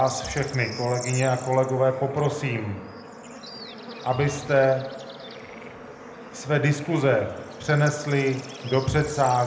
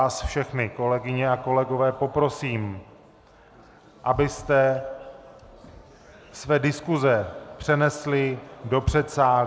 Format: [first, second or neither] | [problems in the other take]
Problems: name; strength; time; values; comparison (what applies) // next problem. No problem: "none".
second | background sound (Bird / Insect / Frog); 15 dB below the speech // room echo; dies away in 0.7 s